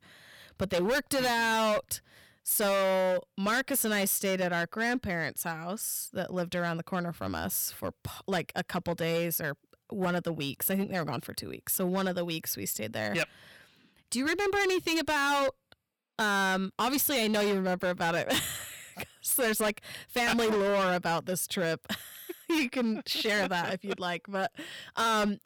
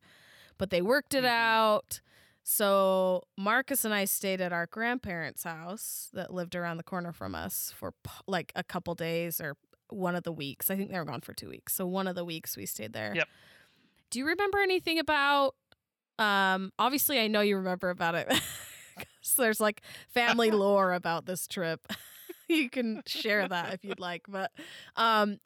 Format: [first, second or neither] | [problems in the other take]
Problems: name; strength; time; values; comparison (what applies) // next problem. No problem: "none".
second | distortion; heavy; 15% of the sound clipped